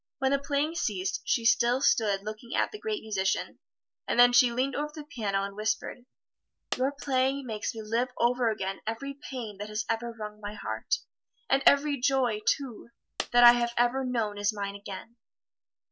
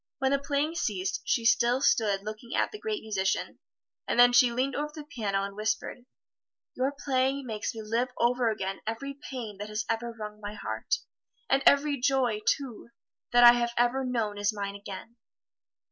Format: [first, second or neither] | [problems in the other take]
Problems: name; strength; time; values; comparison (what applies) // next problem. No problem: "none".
second | background sound (Coin (dropping)); 14 dB below the speech